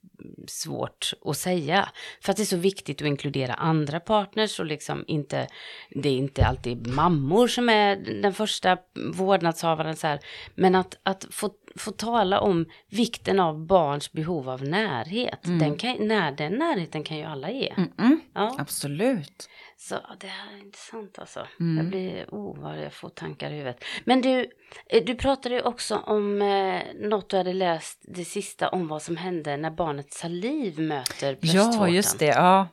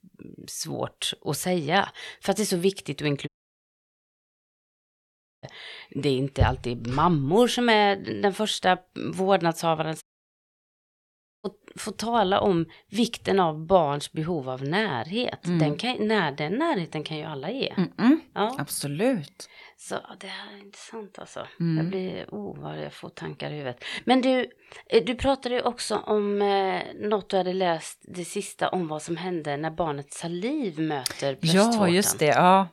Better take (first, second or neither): first